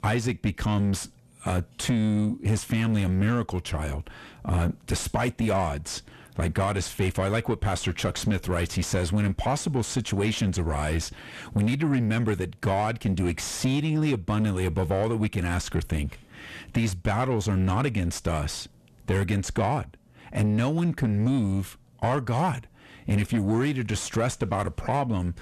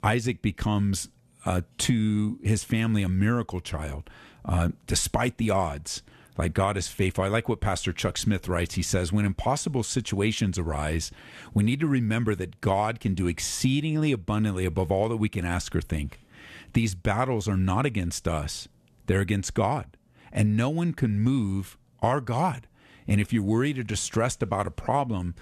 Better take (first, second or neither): second